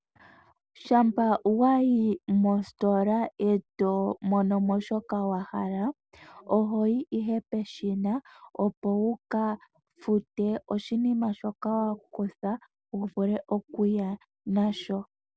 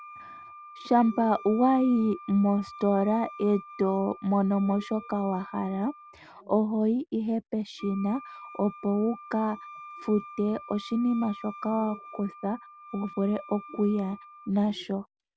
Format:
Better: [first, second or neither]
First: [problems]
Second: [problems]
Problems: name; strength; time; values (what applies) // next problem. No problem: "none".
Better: first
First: none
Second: background sound (Wind instrument, woodwind instrument); 18 dB below the speech